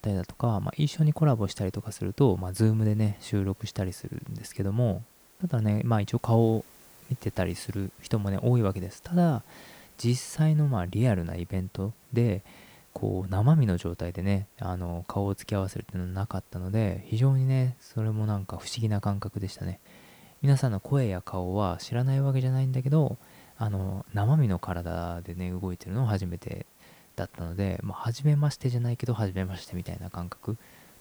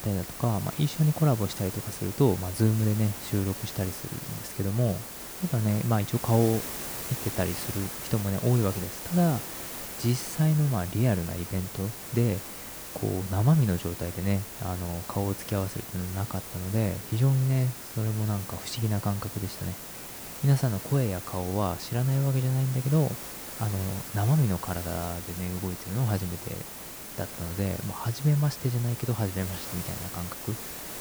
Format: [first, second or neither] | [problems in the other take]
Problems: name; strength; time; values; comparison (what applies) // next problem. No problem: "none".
first | hiss; loud; throughout; 8 dB below the speech; faint in the first